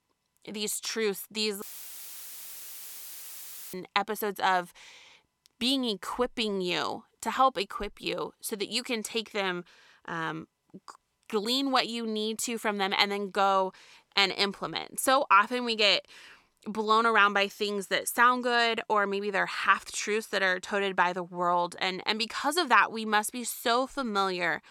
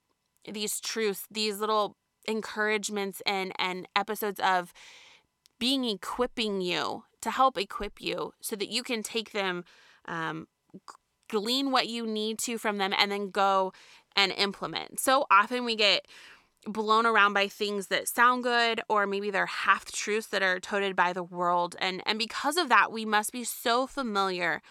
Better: second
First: audio cutting out; filled with static; at 1.5 s for 2 s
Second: none

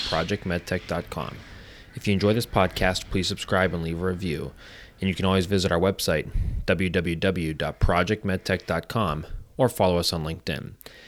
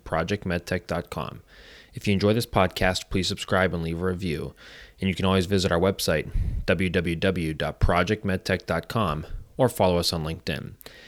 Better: second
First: wind noise on the microphone; occasional gusts; until 9 s; 20 dB below the speech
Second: none

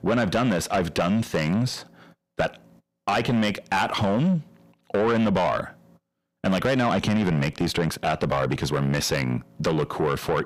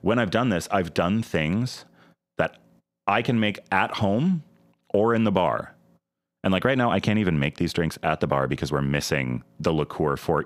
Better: second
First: distortion; heavy; 8 dB below the speech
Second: none

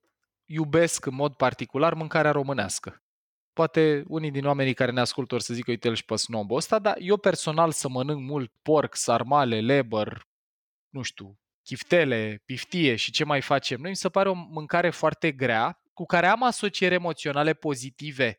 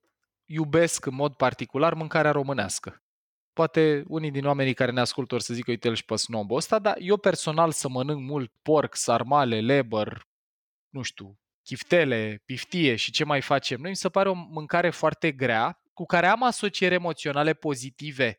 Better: neither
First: none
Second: none

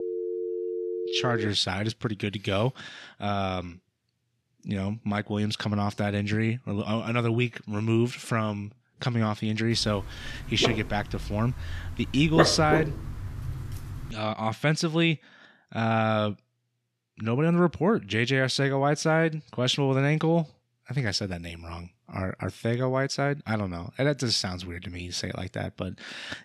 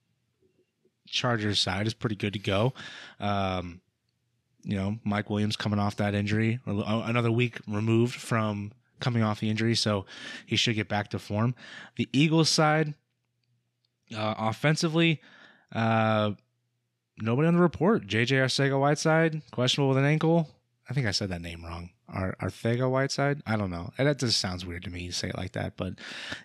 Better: second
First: phone ringing; noticeable; until 1.5 s; peak 4 dB below the speech // dog barking; loud; from 10 to 14 s; peak 4 dB above the speech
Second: none

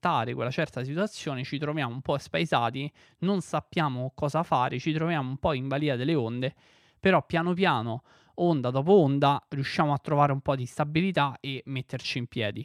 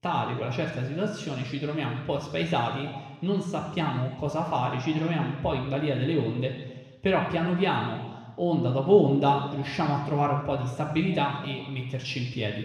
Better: first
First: none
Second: room echo; noticeable; dies away in 1.2 s // off-mic speech; somewhat distant

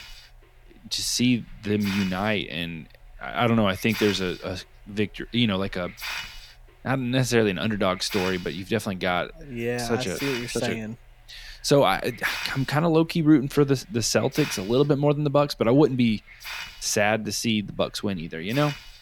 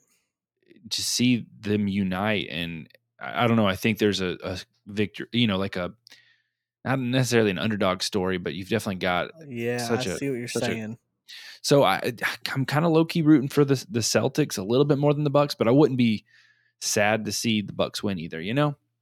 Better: second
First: hiss; noticeable; throughout; 10 dB below the speech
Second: none

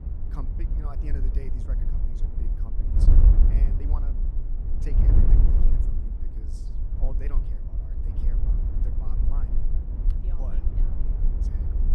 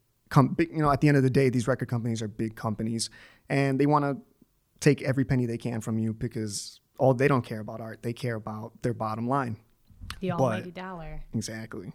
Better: second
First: wind noise on the microphone; heavy; 5 dB above the speech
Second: none

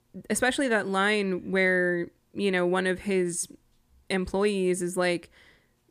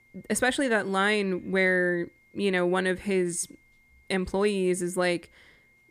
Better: first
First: none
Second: high-pitched whine; faint; throughout; 2 kHz, 35 dB below the speech

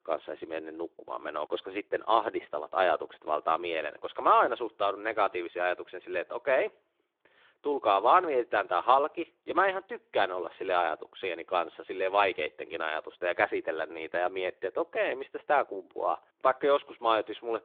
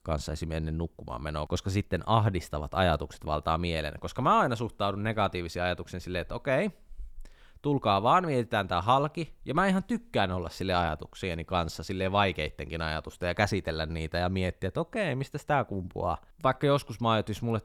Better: second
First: phone-call audio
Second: none

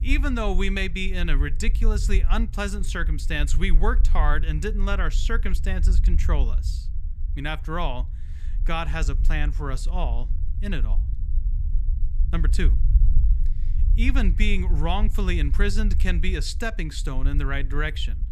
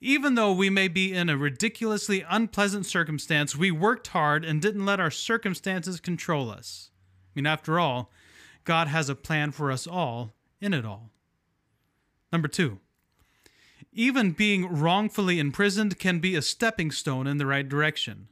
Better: second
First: low rumble; noticeable; throughout; 15 dB below the speech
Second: none

